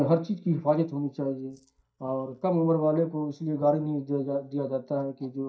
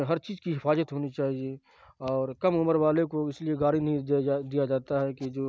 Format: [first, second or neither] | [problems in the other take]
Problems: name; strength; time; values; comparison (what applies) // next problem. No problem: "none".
second | noise reduction (neural mask model DeepFilterNet 3)